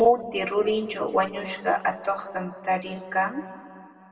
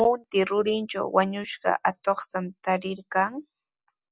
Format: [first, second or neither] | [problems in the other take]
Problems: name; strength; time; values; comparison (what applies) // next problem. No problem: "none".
second | room echo; dies away in 1.8 s